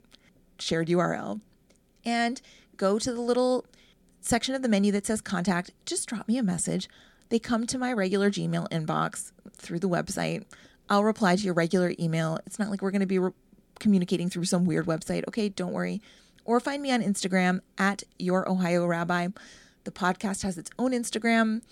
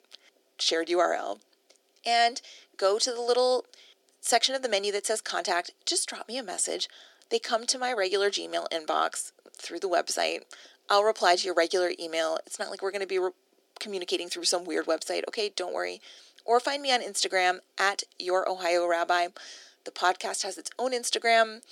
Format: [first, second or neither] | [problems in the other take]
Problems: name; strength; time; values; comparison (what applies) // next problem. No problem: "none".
first | thin; very; fading below 350 Hz